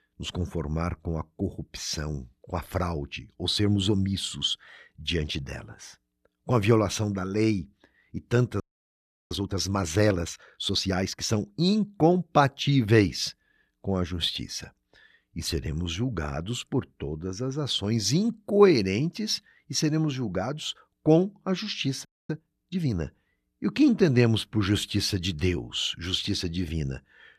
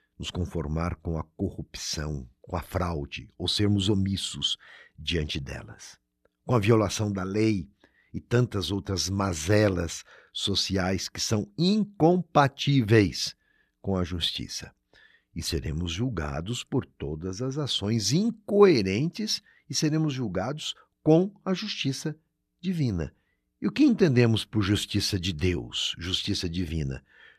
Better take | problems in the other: second | audio freezing; at 8.5 s for 0.5 s and at 22 s

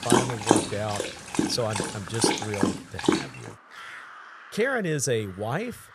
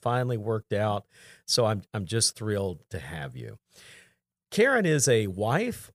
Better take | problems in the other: second | animal sounds; very loud; throughout; 2 dB above the speech

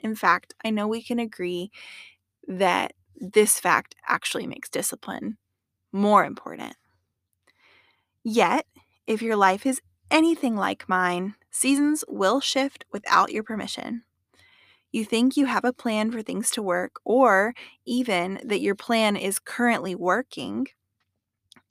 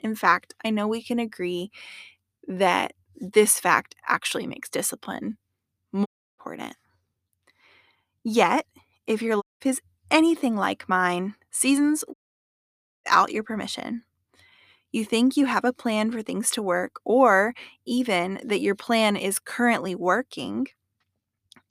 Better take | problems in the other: first | audio cutting out; at 6 s, at 9.5 s and at 12 s for 1 s

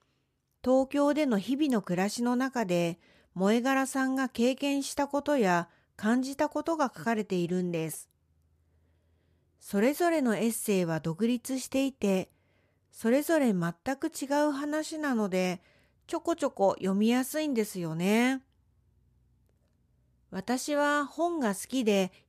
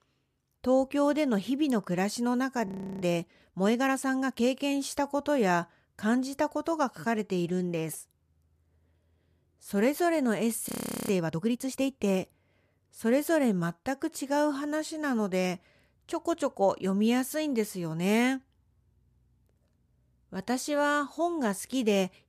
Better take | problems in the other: first | audio freezing; at 2.5 s and at 11 s

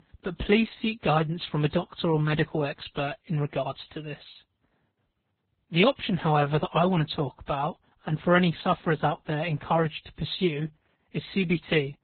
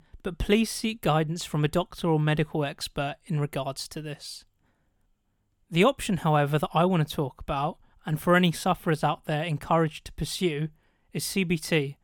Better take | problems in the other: second | garbled, watery; badly; nothing above 4 kHz

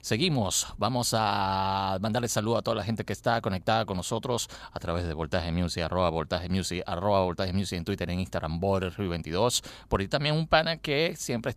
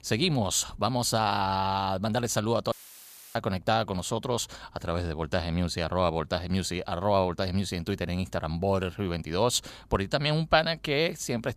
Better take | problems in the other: first | audio cutting out; filled with static; at 2.5 s for 0.5 s

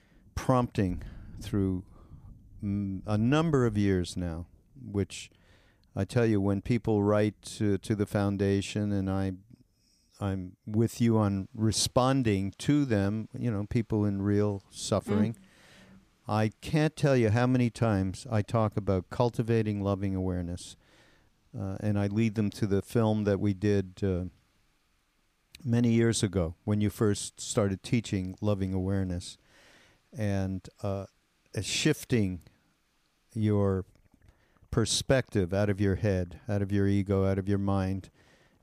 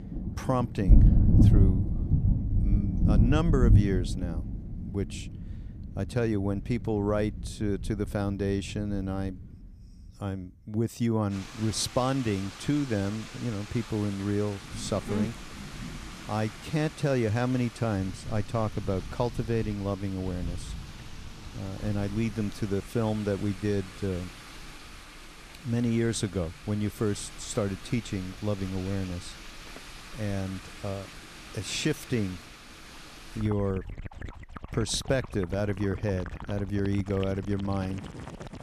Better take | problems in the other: first | rain or running water; loud; throughout; 1 dB below the speech; faint in the first

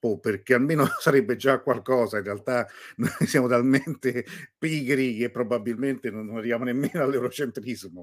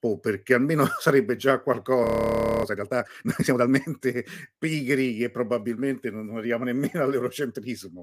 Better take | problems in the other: first | audio freezing; at 2 s for 0.5 s

